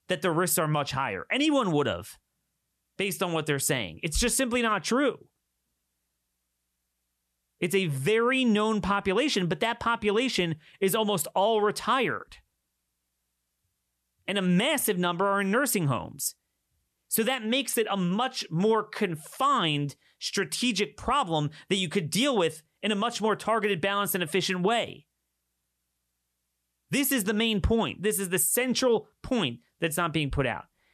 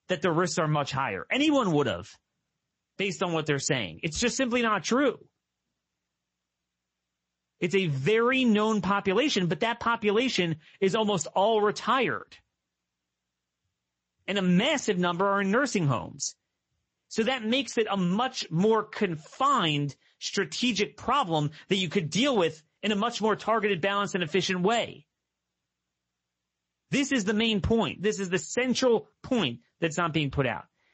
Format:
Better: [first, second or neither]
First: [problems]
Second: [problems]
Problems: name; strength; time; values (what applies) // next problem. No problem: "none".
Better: first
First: none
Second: garbled, watery; slightly; nothing above 7.5 kHz